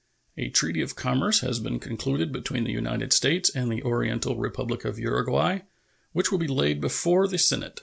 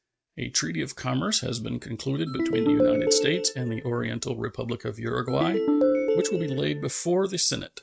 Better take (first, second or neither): first